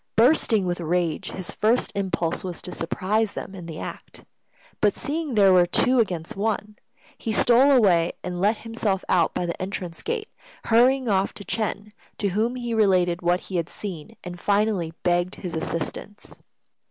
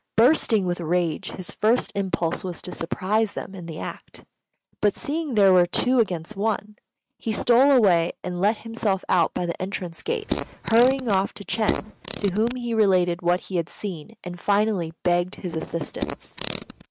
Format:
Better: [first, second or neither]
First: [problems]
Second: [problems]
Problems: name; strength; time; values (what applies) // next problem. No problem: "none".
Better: first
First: none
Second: noise reduction (neural mask model RNNoise)